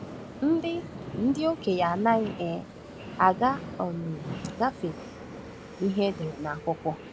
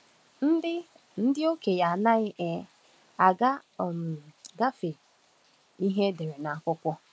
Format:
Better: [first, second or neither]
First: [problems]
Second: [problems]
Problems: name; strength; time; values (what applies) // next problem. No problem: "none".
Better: second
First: background sound (Subway, metro, underground); 11 dB below the speech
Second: none